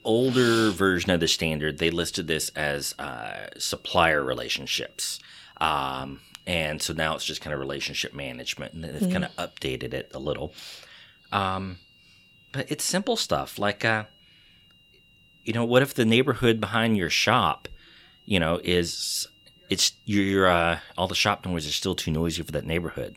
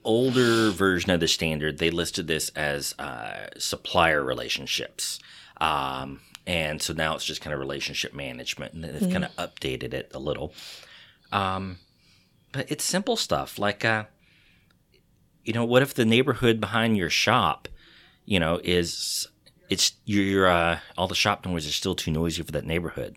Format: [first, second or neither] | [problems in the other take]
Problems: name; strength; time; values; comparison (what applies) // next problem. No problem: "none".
second | high-pitched whine; faint; throughout; 3 kHz, 30 dB below the speech